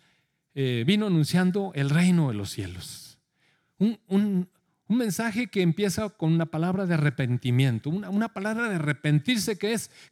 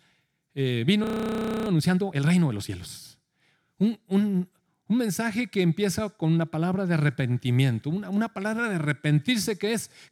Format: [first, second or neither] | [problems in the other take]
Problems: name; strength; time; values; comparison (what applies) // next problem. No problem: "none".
first | audio freezing; at 1 s for 0.5 s